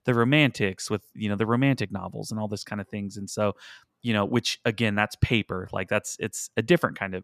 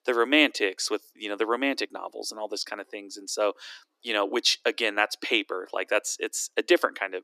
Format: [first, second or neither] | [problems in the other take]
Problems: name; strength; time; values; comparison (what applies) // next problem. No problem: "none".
first | thin; somewhat; fading below 300 Hz